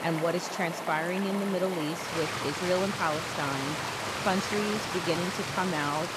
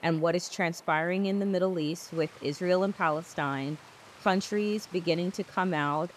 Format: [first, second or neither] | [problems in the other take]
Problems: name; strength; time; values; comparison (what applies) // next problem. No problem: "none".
second | rain or running water; loud; throughout; 2 dB below the speech; faint in the second